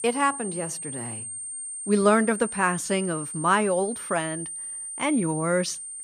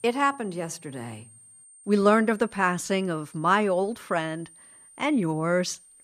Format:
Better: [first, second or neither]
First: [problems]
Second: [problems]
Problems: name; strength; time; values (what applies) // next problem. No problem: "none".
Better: second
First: high-pitched whine; loud; throughout; 8.5 kHz, 7 dB below the speech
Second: high-pitched whine; faint; throughout; 8.5 kHz, 25 dB below the speech